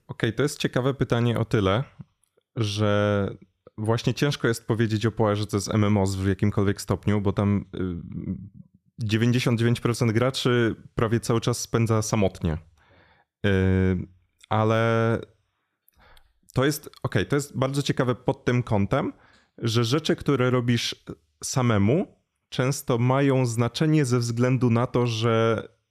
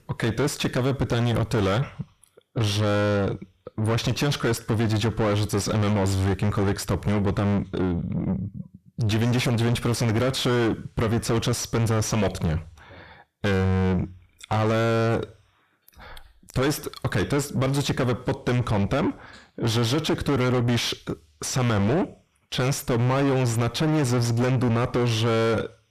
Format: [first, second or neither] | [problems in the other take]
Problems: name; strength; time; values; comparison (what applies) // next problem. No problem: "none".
first | distortion; heavy; 5 dB below the speech